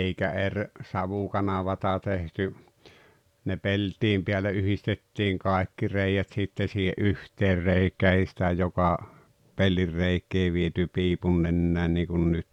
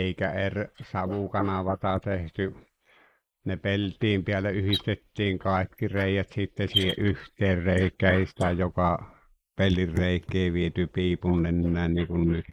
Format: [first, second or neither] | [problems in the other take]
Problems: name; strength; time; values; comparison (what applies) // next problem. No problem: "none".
first | noise reduction (neural mask model Resemble Enhance denoiser)